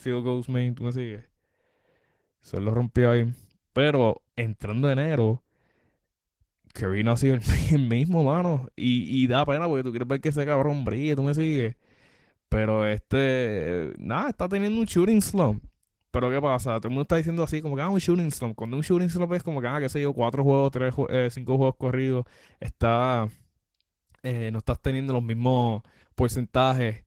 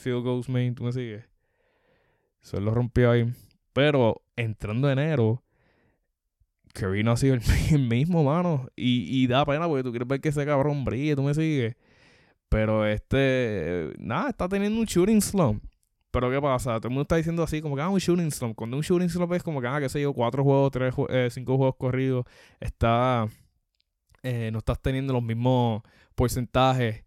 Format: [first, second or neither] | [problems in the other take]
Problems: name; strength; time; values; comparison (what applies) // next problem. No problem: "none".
second | garbled, watery; slightly; nothing above 15.5 kHz